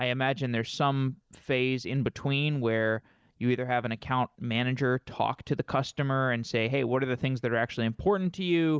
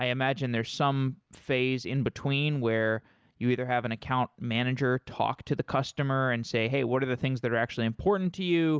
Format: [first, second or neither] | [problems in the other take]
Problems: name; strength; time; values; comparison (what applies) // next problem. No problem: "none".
second | noise reduction (neural mask model Resemble Enhance denoiser)